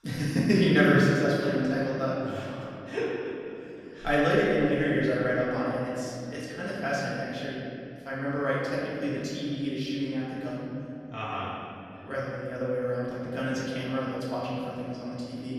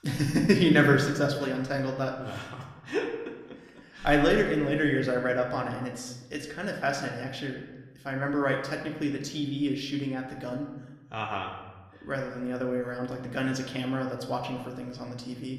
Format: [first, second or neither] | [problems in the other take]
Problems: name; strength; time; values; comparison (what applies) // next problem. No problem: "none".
second | room echo; strong; dies away in 2.6 s; slight in the second // off-mic speech; far